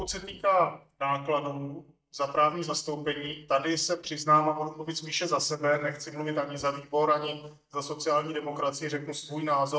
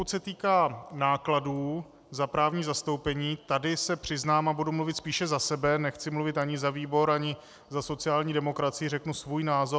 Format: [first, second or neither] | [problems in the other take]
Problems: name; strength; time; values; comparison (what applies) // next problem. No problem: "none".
second | noise reduction (neural mask model DeepFilterNet 3)